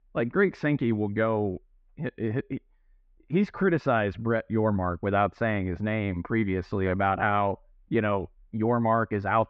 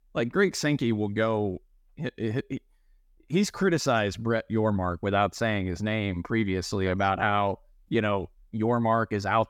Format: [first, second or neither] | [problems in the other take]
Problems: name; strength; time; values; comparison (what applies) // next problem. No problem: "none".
second | muffled; very; fading above 2.5 kHz